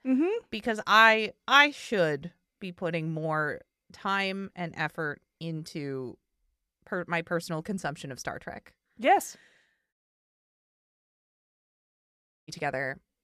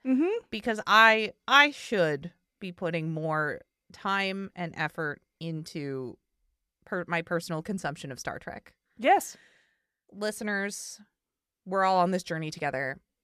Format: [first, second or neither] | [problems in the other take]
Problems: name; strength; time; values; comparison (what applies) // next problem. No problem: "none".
second | audio cutting out; at 10 s for 2.5 s